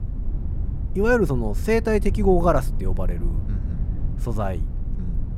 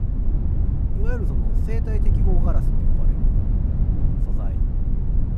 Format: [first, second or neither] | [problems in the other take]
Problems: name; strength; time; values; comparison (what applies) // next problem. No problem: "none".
first | low rumble; loud; throughout; as loud as the speech; faint in the first